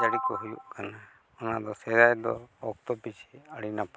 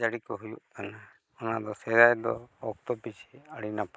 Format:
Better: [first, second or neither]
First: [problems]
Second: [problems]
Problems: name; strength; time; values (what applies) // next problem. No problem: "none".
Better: first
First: none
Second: noise reduction (neural mask model Resemble Enhance denoiser)